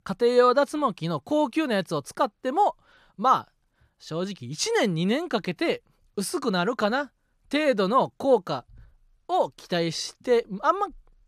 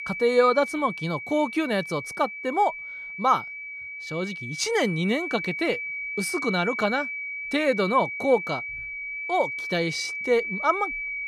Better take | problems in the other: first | high-pitched whine; loud; throughout; 2.5 kHz, 6 dB below the speech

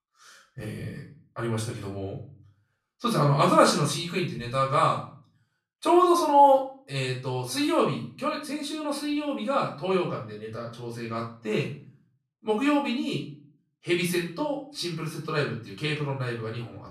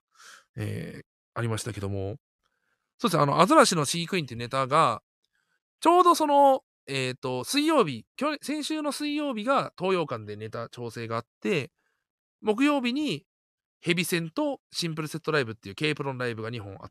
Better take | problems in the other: second | off-mic speech; far // room echo; slight; dies away in 0.4 s

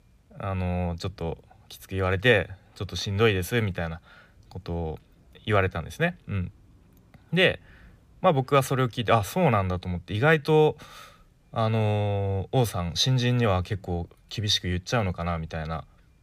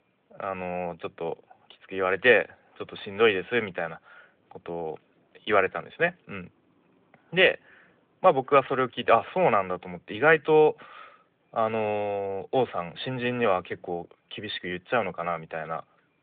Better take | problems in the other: first | phone-call audio; nothing above 3.5 kHz

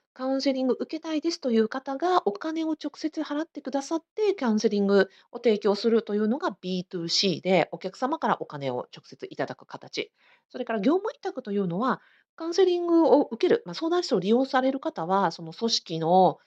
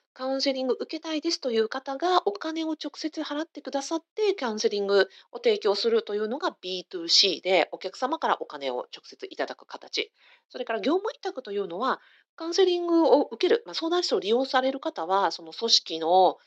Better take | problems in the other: first | thin; very slightly; fading below 300 Hz

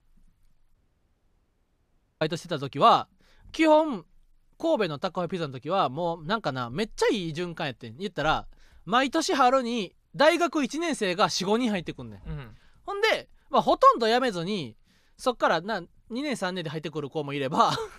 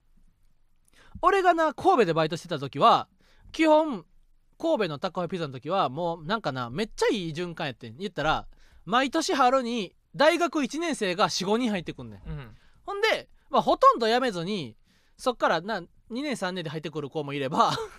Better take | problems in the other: second | audio cutting out; at 0.5 s for 1.5 s

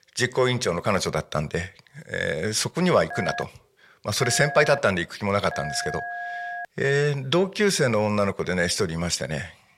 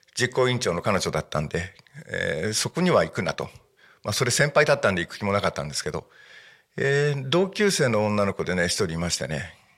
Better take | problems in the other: second | phone ringing; noticeable; from 3 to 6.5 s; peak 8 dB below the speech

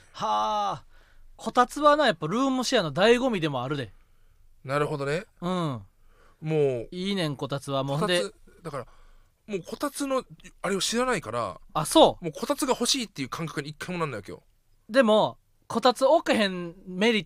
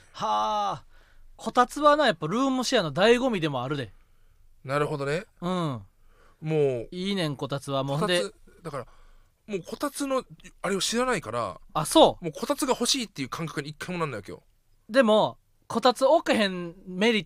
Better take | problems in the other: neither | none

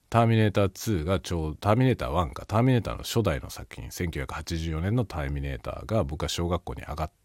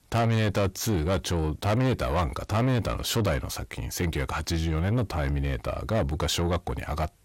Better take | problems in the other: first | distortion; heavy; 7 dB below the speech

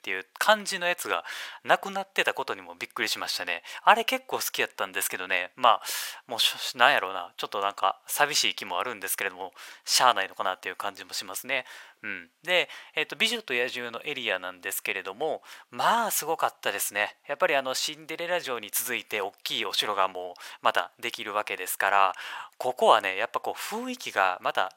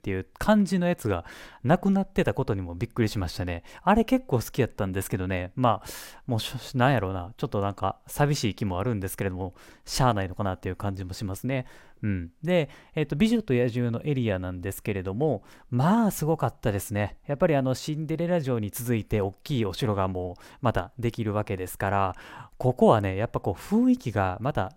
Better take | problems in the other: second | thin; very; fading below 950 Hz

